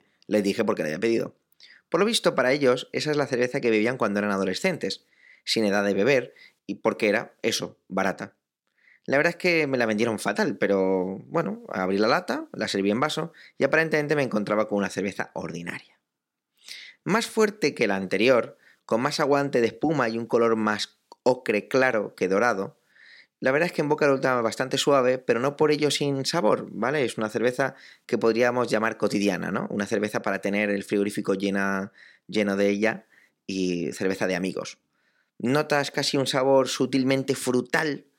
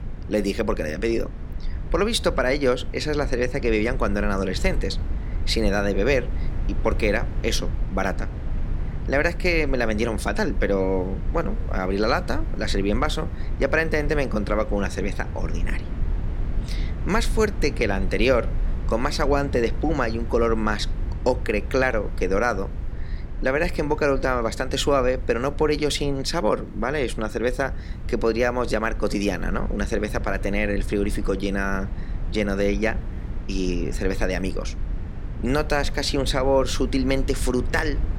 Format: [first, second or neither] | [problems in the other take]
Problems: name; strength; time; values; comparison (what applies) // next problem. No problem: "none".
first | low rumble; noticeable; throughout; 20 dB below the speech